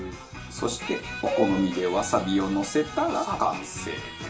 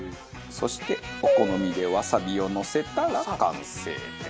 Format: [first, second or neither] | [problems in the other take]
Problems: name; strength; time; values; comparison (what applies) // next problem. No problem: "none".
second | room echo; dies away in 0.4 s